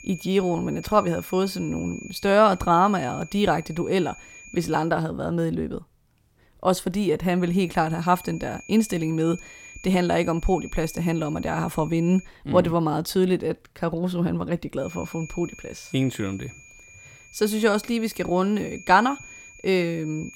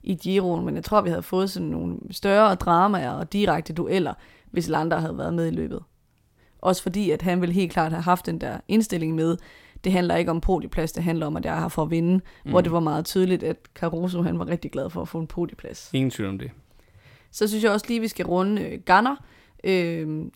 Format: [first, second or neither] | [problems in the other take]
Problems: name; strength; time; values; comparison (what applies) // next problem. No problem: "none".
second | high-pitched whine; noticeable; until 5 s, from 7.5 to 12 s and from 15 s on; 2.5 kHz, 20 dB below the speech